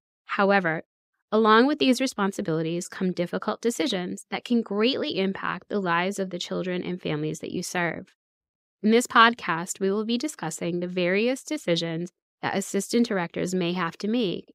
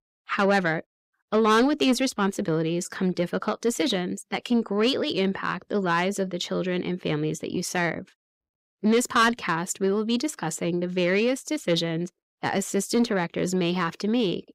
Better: first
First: none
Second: distortion; slight; 10 dB below the speech

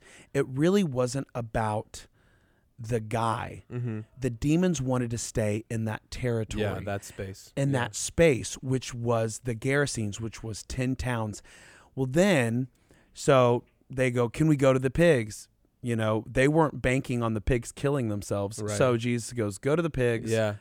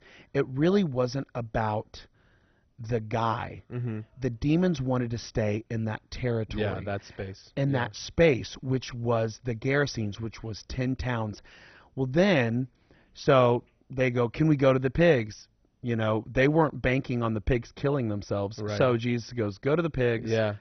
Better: first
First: none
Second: garbled, watery; badly; nothing above 6 kHz

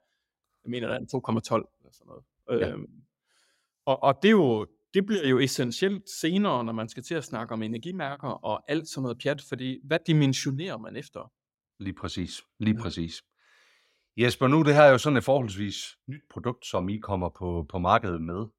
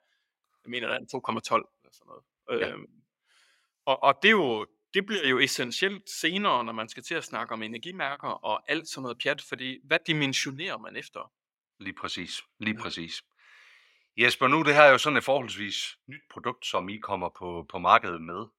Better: first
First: none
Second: thin; somewhat; fading below 900 Hz

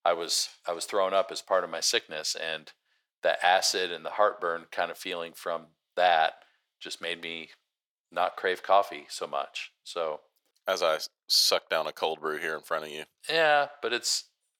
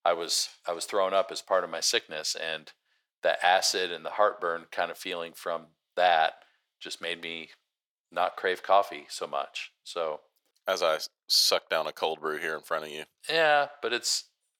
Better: neither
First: thin; very; fading below 600 Hz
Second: thin; very; fading below 600 Hz

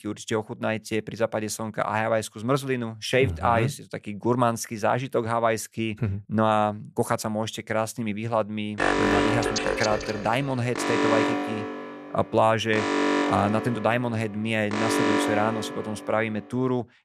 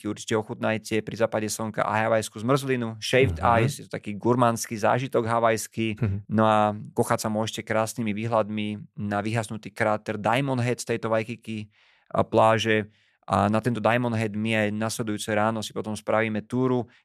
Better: second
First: alarm; loud; from 9 to 16 s; peak 5 dB above the speech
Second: none

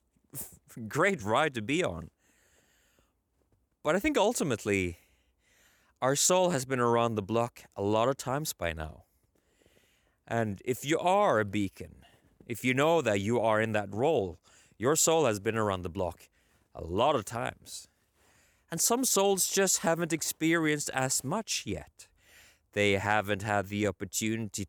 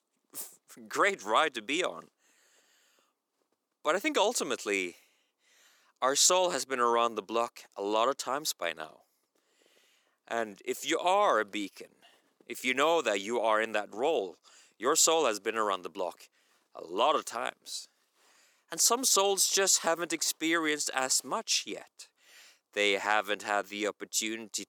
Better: first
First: none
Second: thin; somewhat; fading below 300 Hz

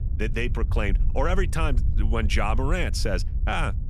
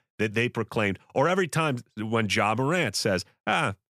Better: second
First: wind noise on the microphone; occasional gusts; 15 dB below the speech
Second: none

